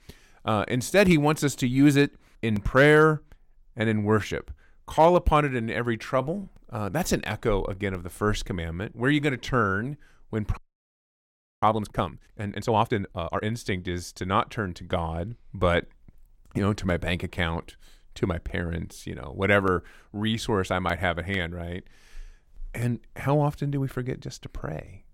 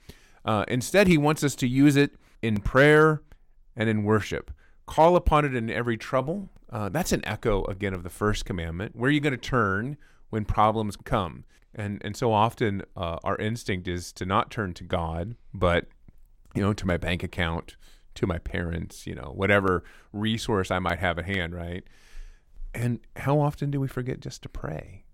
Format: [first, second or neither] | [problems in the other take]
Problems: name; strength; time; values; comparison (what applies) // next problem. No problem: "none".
second | audio freezing; at 11 s for 1 s